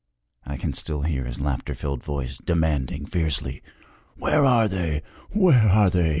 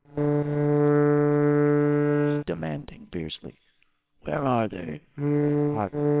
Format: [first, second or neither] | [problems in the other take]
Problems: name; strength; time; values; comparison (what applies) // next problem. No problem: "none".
first | noise reduction (neural separator model SepFormer WHAMR!)